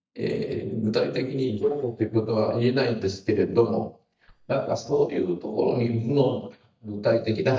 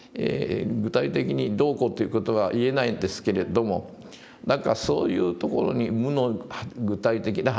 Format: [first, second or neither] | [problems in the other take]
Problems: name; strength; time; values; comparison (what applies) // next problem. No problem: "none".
second | noise reduction (neural mask model DeepFilterNet 3)